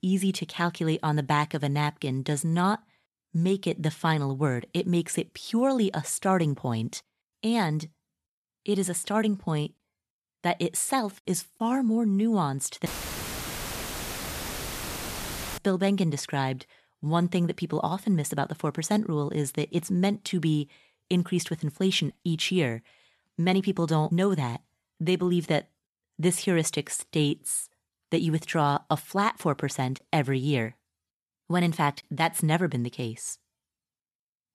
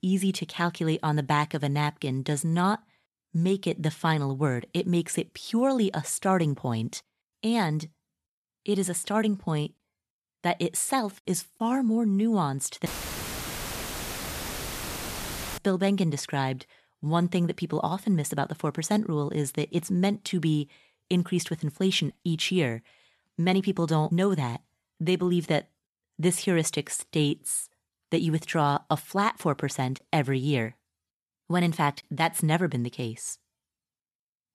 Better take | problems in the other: neither | audio cutting out; filled with static; at 13 s for 2.5 s; the same in both

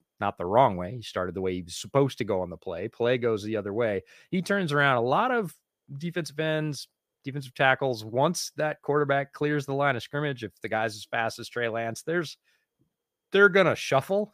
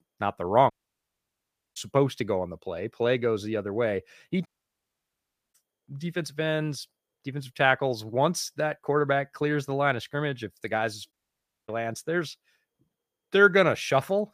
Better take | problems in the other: first | audio cutting out; at 0.5 s for 1 s, at 4.5 s for 1 s and at 11 s for 0.5 s

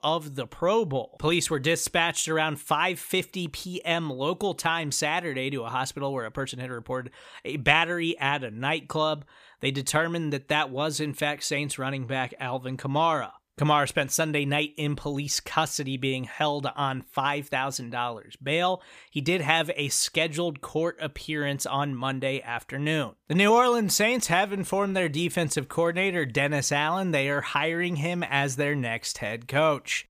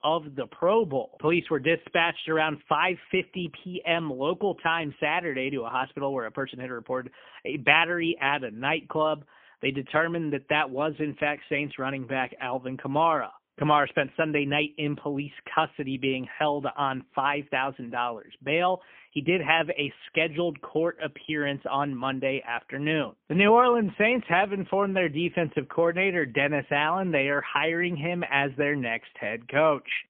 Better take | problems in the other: first | phone-call audio; poor line; nothing above 3 kHz

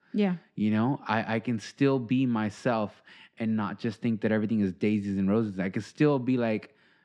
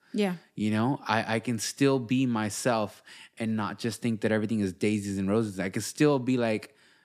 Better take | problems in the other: second | muffled; slightly; fading above 3.5 kHz

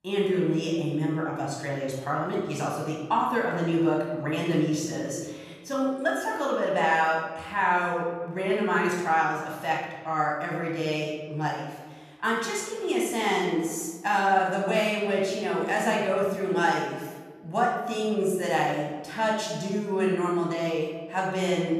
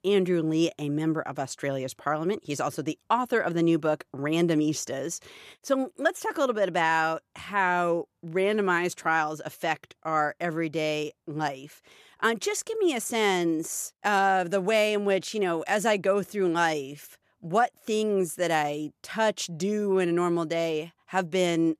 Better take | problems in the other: second | off-mic speech; far // room echo; noticeable; dies away in 1.2 s

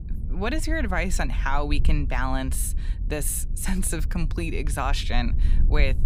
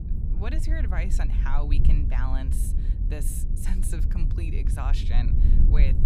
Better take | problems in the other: first | wind noise on the microphone; heavy; 5 dB below the speech; occasional gusts in the first

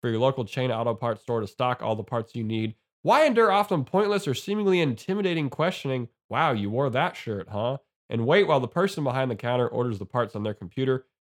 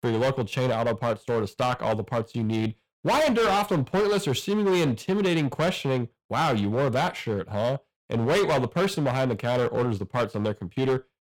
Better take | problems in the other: first | distortion; heavy; 15% of the sound clipped

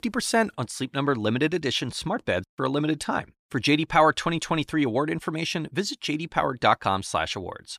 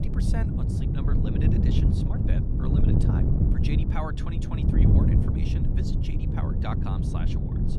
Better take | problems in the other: first | wind noise on the microphone; heavy; 4 dB above the speech

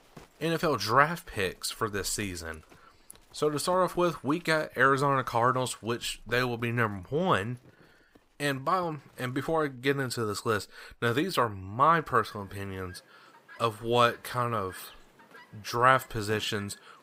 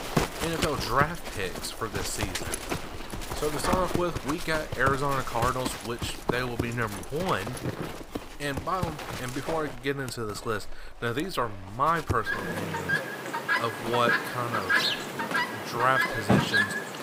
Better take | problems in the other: first | animal sounds; loud; throughout; as loud as the speech; faint in the first

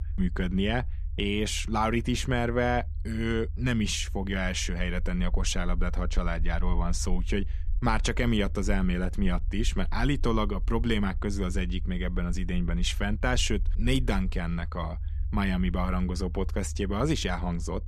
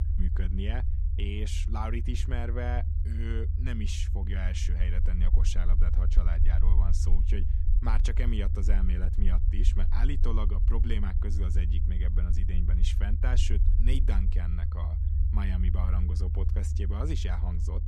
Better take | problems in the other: first | low rumble; loud; throughout; 6 dB below the speech; faint in the first

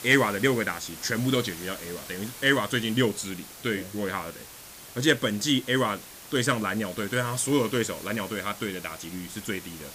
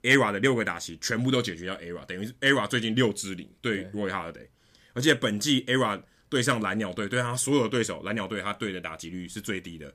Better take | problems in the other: second | hiss; noticeable; throughout; 15 dB below the speech

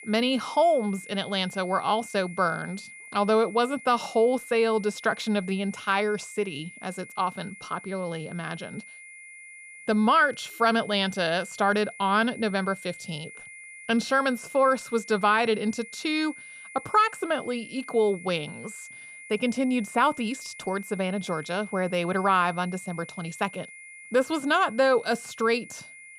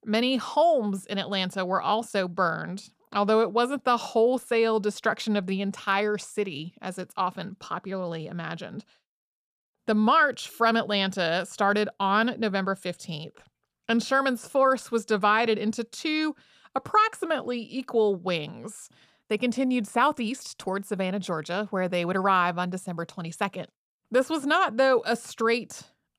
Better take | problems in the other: second | high-pitched whine; noticeable; throughout; 2 kHz, 15 dB below the speech

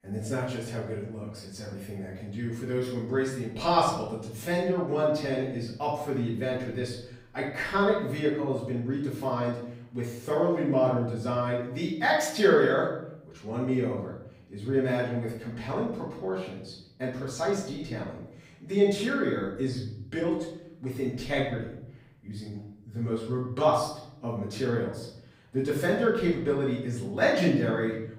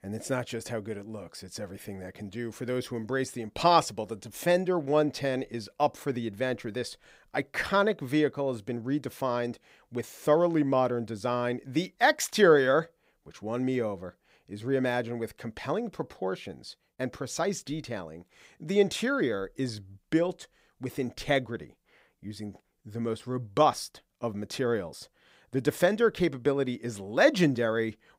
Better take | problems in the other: second | off-mic speech; far // room echo; noticeable; dies away in 0.8 s

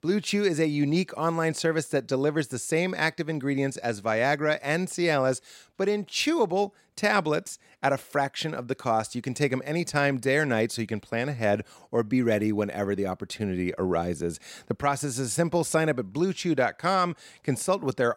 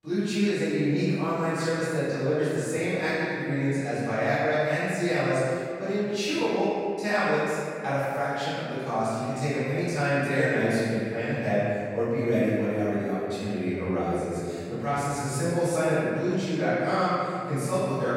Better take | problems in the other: first | off-mic speech; far // room echo; strong; dies away in 2.1 s

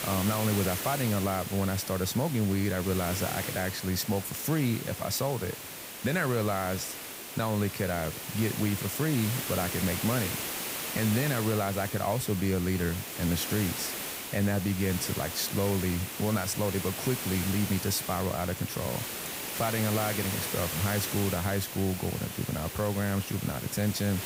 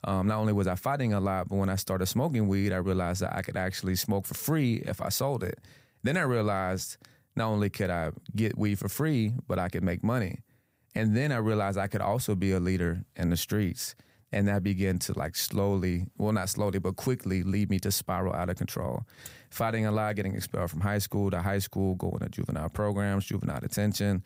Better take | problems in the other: second | hiss; loud; throughout; 5 dB below the speech

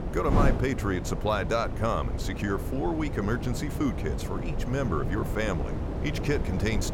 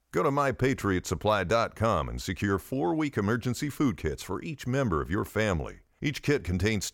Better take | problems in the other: second | wind noise on the microphone; heavy; 7 dB below the speech

